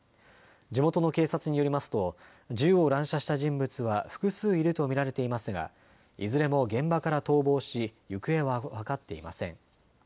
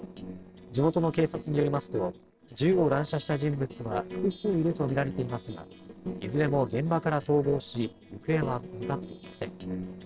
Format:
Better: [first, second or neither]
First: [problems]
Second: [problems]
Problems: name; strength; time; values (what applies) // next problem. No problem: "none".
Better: first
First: none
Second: noise reduction (neural separator model SepFormer DNS4)